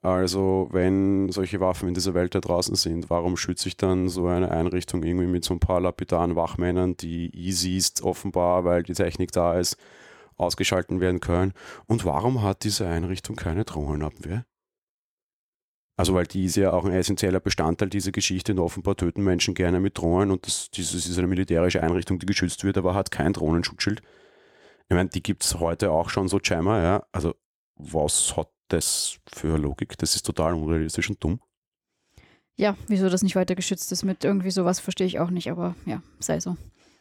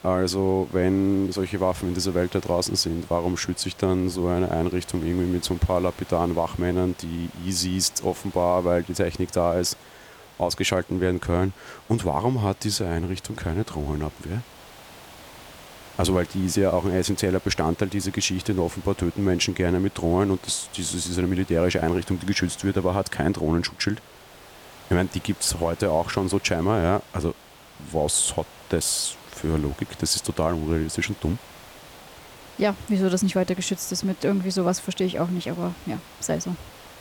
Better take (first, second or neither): first